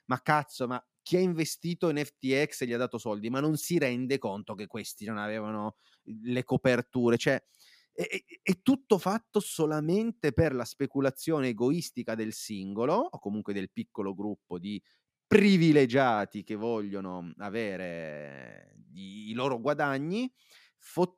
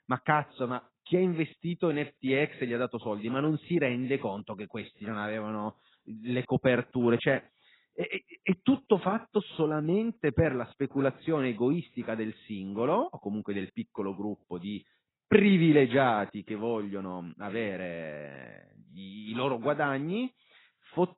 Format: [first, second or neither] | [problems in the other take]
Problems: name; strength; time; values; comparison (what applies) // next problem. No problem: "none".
first | garbled, watery; badly; nothing above 4 kHz